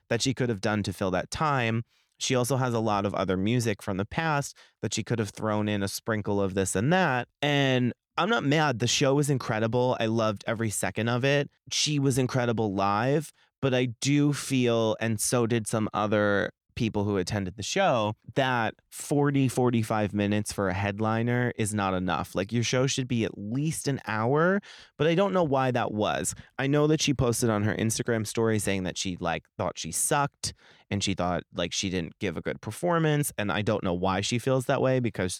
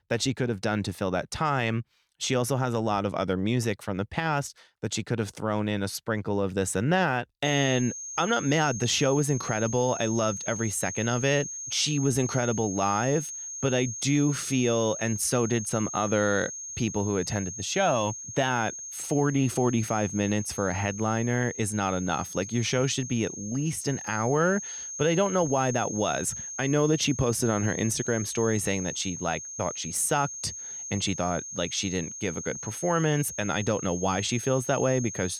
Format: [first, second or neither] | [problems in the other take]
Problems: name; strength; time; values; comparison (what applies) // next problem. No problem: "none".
first | high-pitched whine; loud; from 7.5 s on; 6.5 kHz, 8 dB below the speech